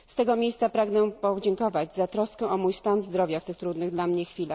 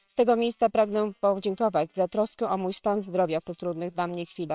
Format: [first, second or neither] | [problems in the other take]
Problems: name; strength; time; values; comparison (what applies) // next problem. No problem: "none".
first | noise reduction (neural separator model SepFormer WHAMR!)